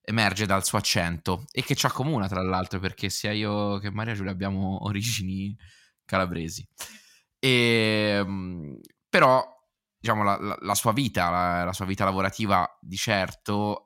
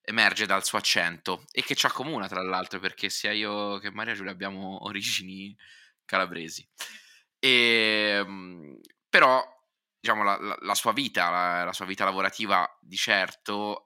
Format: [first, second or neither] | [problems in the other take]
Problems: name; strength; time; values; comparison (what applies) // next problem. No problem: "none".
first | thin; somewhat; fading below 300 Hz